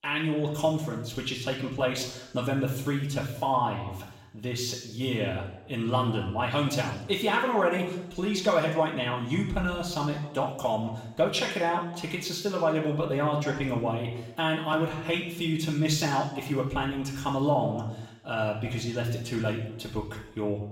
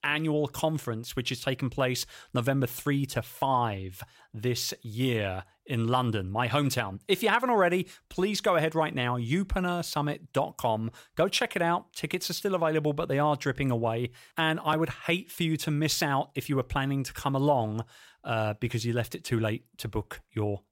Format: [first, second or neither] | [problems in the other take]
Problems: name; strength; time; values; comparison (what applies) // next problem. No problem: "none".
second | room echo; noticeable; dies away in 0.8 s // off-mic speech; far